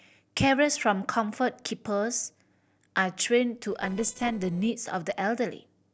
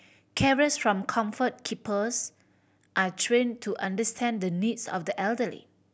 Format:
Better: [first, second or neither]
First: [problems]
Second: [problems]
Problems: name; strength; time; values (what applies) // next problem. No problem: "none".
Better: second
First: noise reduction (neural separator model SepFormer DNS4)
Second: none